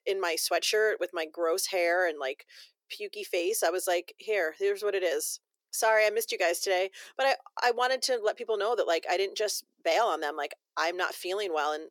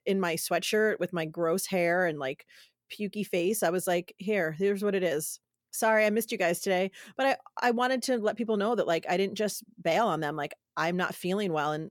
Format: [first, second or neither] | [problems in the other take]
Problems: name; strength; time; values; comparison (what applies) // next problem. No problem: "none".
second | thin; very; fading below 350 Hz